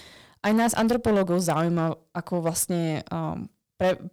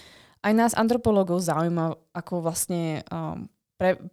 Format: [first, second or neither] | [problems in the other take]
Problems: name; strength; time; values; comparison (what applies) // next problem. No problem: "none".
second | distortion; slight; 7% of the sound clipped